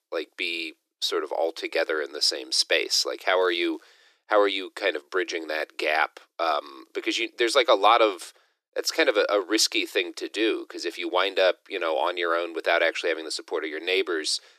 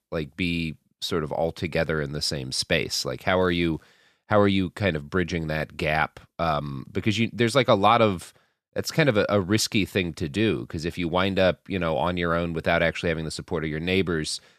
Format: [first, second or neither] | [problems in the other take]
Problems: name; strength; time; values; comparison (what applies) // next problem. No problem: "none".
second | thin; very; fading below 300 Hz